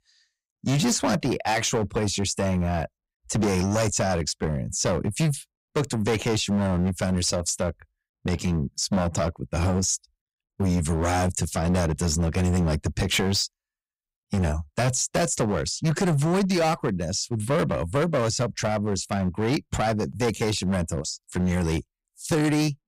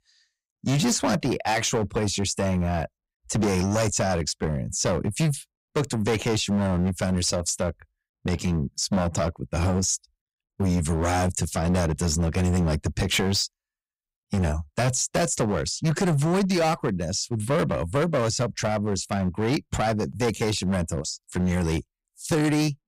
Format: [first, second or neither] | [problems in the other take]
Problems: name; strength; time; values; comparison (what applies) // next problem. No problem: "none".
neither | distortion; heavy; 15% of the sound clipped; the same in both